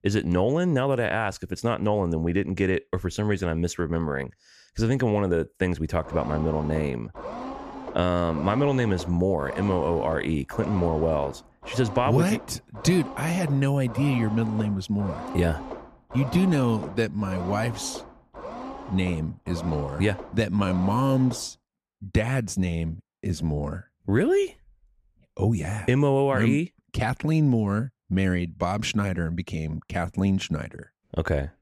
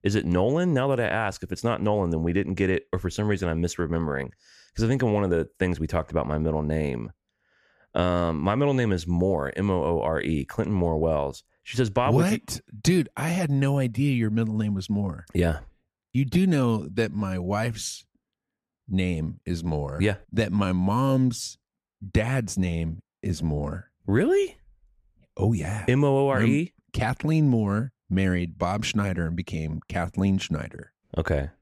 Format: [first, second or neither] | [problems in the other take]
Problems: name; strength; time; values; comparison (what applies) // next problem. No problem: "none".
second | low rumble; loud; from 6 to 22 s; 10 dB below the speech